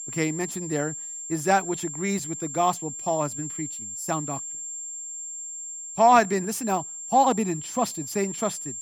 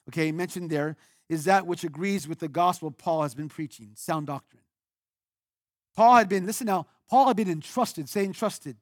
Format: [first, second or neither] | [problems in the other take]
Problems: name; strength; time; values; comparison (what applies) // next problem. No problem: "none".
second | high-pitched whine; loud; throughout; 7.5 kHz, 8 dB below the speech